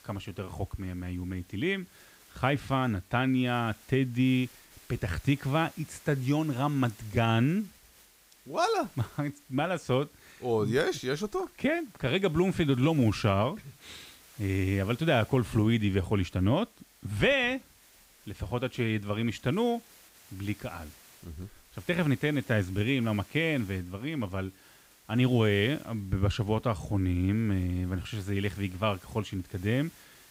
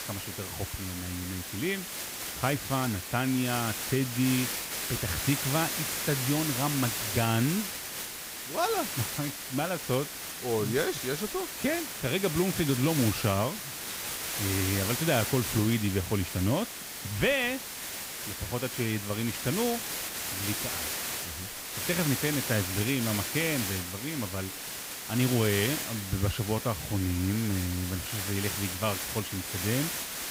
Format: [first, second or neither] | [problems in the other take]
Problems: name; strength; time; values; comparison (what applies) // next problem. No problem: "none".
first | hiss; loud; throughout; 2 dB below the speech; faint in the first